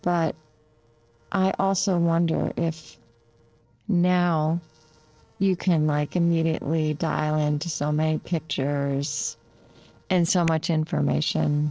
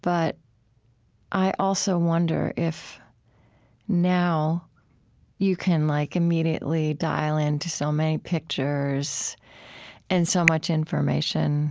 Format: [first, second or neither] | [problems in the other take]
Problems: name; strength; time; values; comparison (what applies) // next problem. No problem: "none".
second | noise reduction (neural separator model SepFormer DNS4)